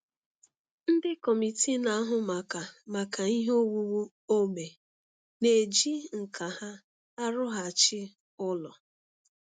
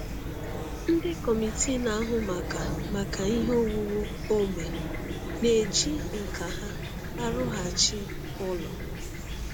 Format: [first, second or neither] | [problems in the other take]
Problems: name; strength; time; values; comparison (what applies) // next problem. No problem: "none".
first | background sound (Chirp, tweet / Fowl); 3 dB below the speech